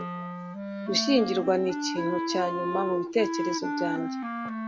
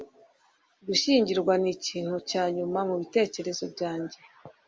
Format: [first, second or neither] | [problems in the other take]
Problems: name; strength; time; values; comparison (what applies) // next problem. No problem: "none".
second | background sound (Wind instrument, woodwind instrument); 3 dB below the speech